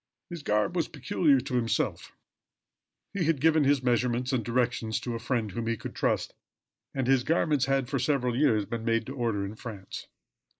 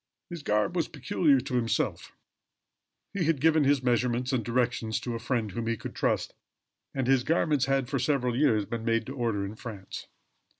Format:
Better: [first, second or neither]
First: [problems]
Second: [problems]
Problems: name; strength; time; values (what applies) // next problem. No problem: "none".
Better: second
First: noise reduction (neural mask model Resemble Enhance denoiser)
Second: none